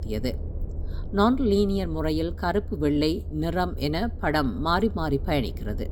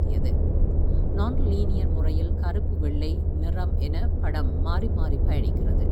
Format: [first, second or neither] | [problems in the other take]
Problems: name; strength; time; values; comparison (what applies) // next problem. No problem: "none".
first | low rumble; loud; throughout; 1 dB below the speech; faint in the first